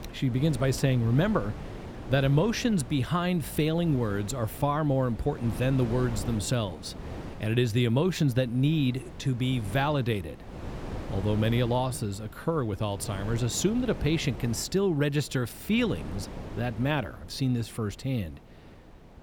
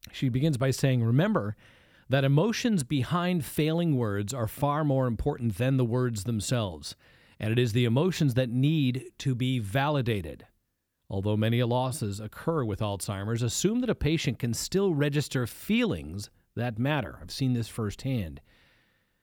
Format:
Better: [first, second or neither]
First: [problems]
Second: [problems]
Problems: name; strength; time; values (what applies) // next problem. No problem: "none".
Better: second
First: wind noise on the microphone; occasional gusts; 15 dB below the speech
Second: none